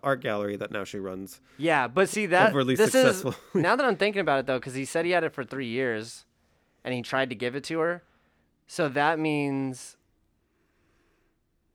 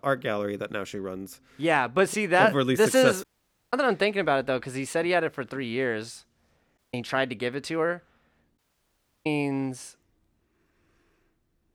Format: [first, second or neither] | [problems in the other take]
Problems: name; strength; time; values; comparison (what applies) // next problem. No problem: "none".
first | audio cutting out; at 3 s, at 7 s and at 8.5 s for 0.5 s